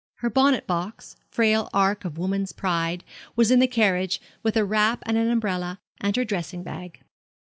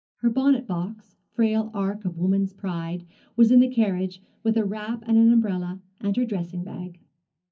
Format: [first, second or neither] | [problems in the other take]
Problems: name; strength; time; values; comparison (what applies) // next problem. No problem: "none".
first | room echo; dies away in 0.4 s